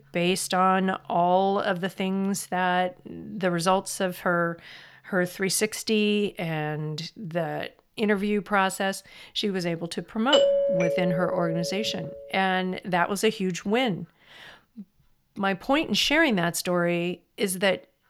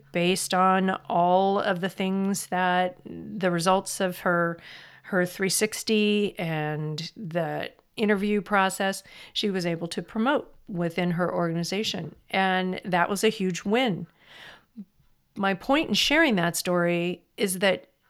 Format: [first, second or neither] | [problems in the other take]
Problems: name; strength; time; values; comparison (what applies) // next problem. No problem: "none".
second | doorbell; loud; from 10 to 12 s; peak 5 dB above the speech